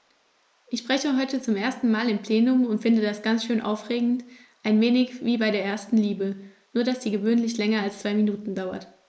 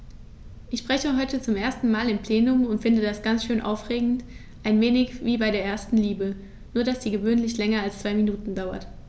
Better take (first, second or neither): second